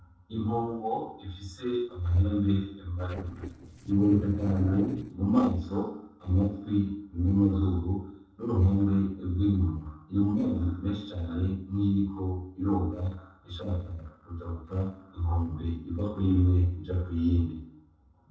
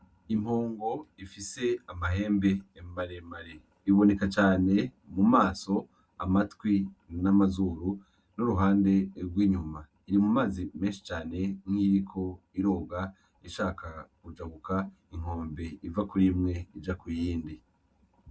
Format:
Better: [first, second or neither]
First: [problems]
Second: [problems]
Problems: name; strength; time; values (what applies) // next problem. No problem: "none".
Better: second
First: noise reduction (neural separator model SepFormer DNS4)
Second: none